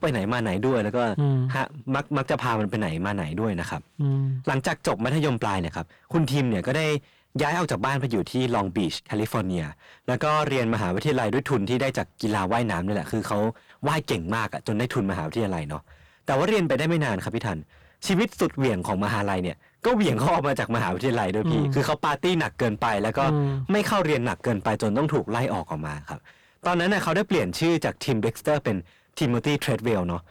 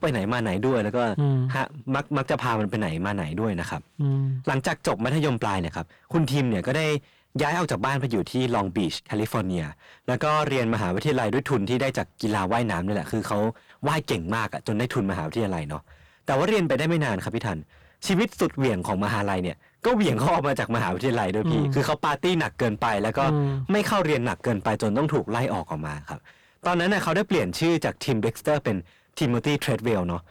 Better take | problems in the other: neither | distortion; heavy; 7 dB below the speech; the same in both

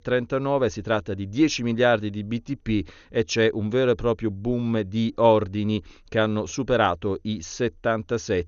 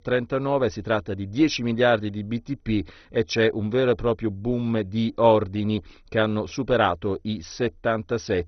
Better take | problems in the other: first | garbled, watery; badly; nothing above 6 kHz; slightly in the first

